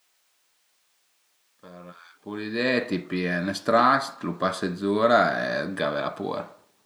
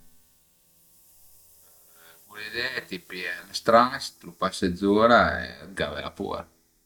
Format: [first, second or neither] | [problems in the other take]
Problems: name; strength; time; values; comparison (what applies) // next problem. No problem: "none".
first | noise reduction (neural mask model DeepFilterNet 3)